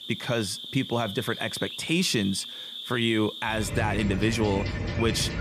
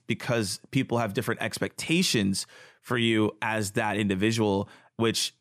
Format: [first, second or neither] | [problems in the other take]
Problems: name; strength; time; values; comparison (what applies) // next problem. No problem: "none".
second | animal sounds; loud; throughout; 6 dB below the speech